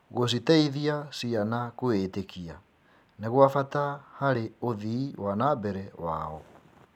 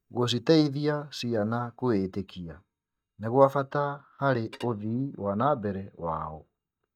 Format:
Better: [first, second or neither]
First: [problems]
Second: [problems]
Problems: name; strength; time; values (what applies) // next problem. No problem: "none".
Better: first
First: none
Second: noise reduction (neural mask model DeepFilterNet 3)